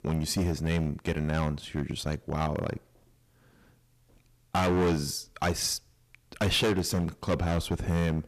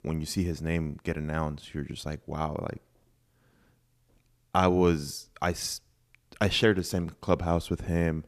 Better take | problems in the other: second | distortion; heavy; 10% of the sound clipped

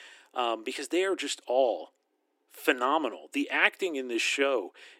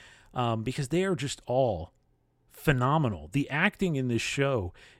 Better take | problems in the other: second | thin; somewhat; fading below 300 Hz

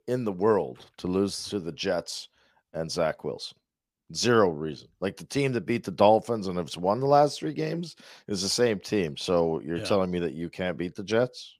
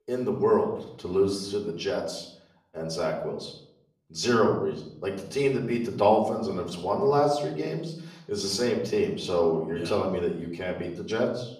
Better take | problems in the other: first | off-mic speech; far // room echo; slight; dies away in 0.6 s

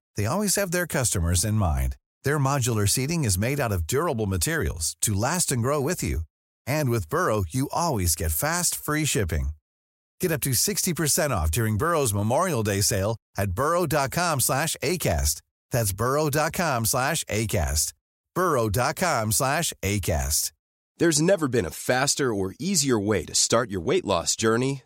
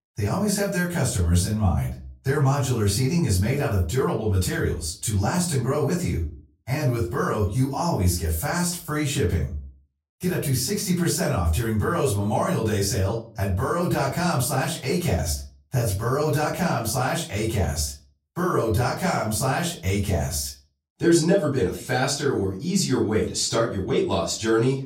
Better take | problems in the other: first | room echo; slight; dies away in 0.4 s // off-mic speech; far

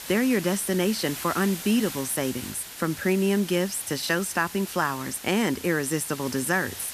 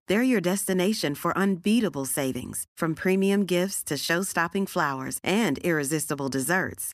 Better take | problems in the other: second | hiss; noticeable; throughout; 10 dB below the speech

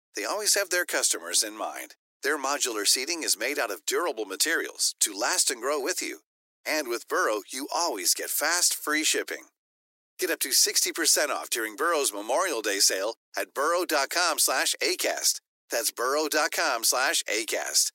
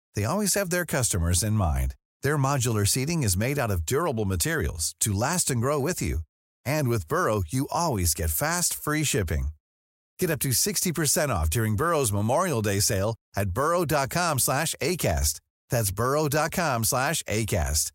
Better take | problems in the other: second | thin; very; fading below 300 Hz

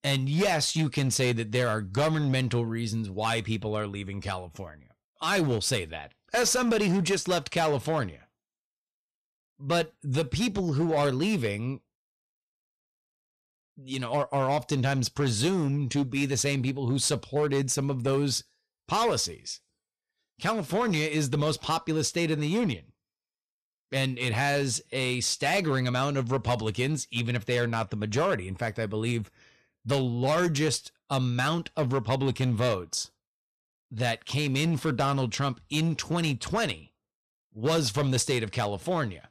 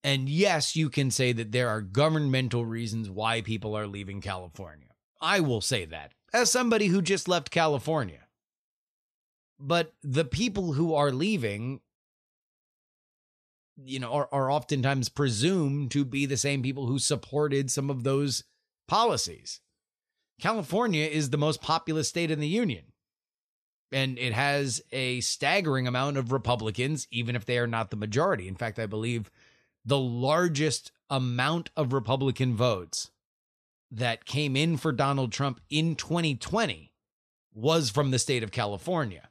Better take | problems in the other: second | distortion; slight; 7% of the sound clipped

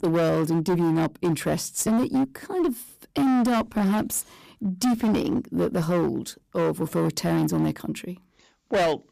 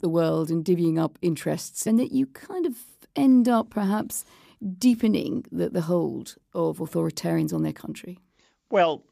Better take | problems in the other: second | distortion; heavy; 18% of the sound clipped

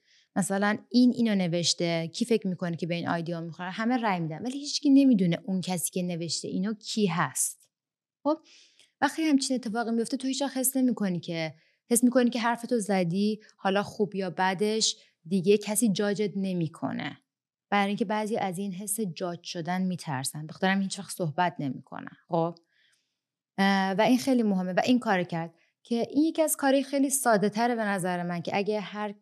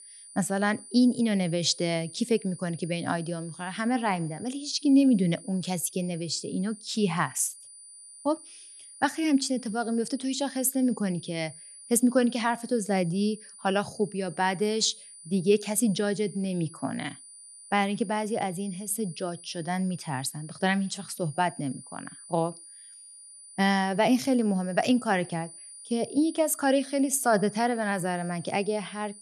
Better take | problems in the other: first | high-pitched whine; noticeable; throughout; 9.5 kHz, 15 dB below the speech

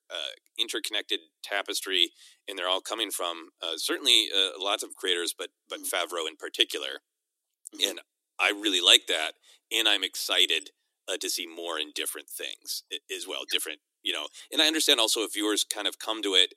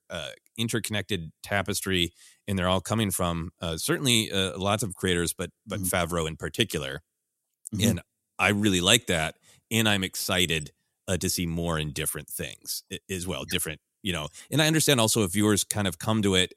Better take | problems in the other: second | thin; very; fading below 300 Hz

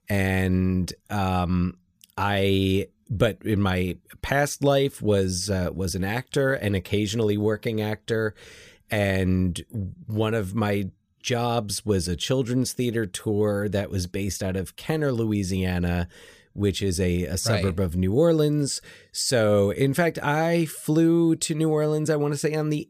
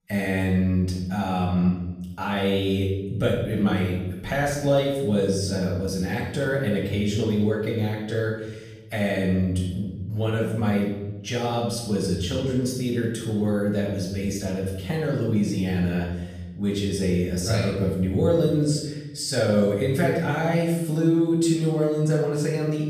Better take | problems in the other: first | off-mic speech; far // room echo; noticeable; dies away in 1 s

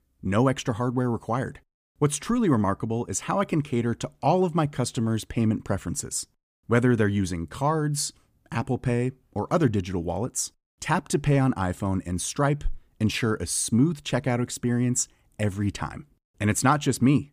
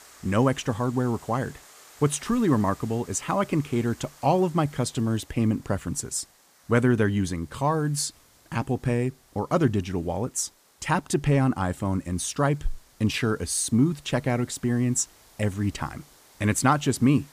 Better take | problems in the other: first | hiss; faint; throughout; 25 dB below the speech

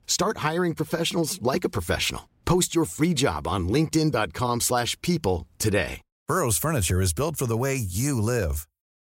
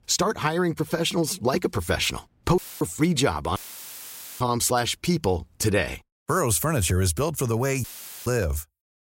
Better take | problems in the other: first | audio cutting out; filled with static; at 2.5 s, at 3.5 s for 1 s and at 8 s

